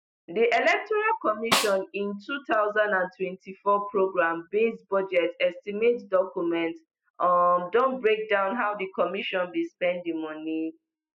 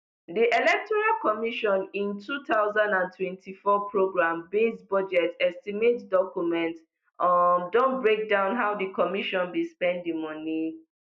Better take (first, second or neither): second